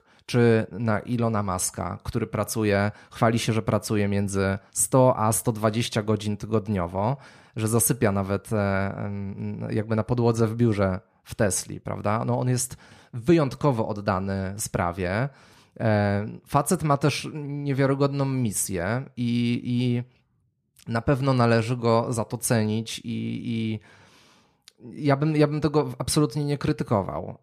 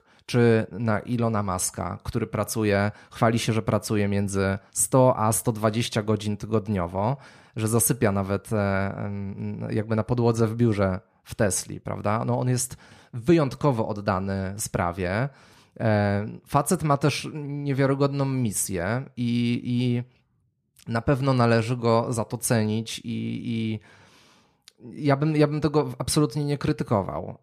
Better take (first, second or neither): neither